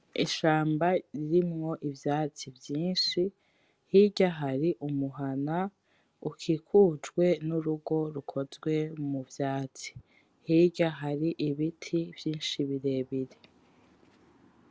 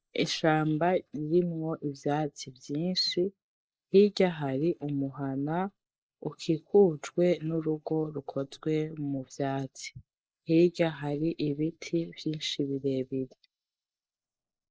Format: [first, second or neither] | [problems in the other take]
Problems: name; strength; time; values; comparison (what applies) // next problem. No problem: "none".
first | noise reduction (neural mask model Resemble Enhance denoiser)